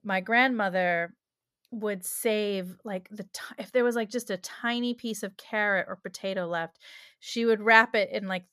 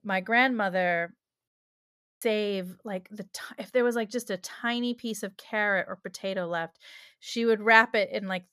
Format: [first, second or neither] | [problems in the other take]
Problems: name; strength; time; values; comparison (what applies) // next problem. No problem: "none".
first | audio cutting out; at 1.5 s for 0.5 s